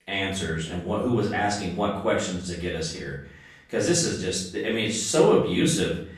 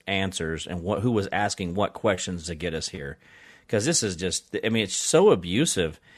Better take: second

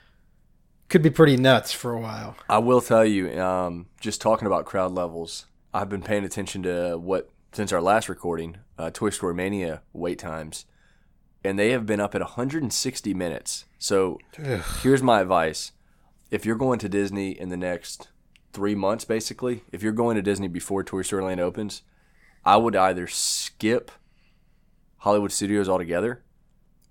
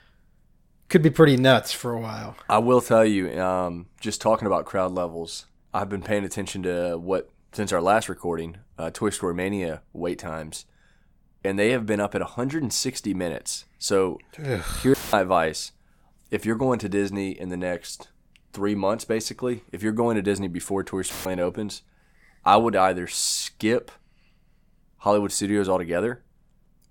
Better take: first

